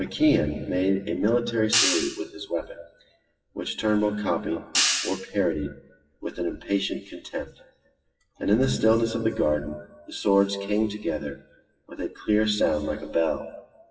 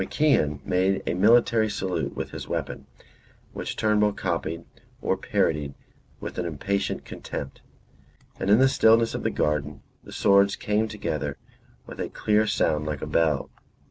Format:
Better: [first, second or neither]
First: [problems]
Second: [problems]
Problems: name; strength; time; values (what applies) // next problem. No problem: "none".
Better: second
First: noise reduction (classical method WPE with log-MMSE)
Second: none